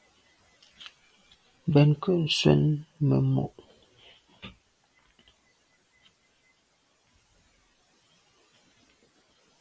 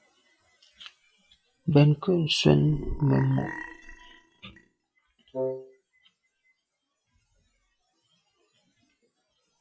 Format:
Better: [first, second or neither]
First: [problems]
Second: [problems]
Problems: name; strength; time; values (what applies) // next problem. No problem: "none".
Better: first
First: none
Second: noise reduction (classical method log-MMSE)